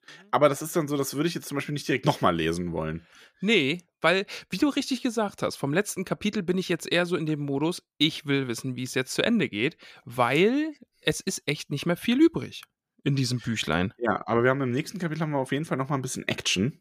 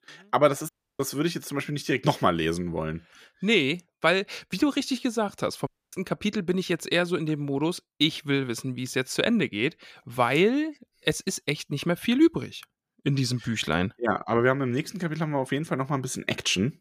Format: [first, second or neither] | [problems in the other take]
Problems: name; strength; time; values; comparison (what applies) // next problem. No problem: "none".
first | audio cutting out; at 0.5 s and at 5.5 s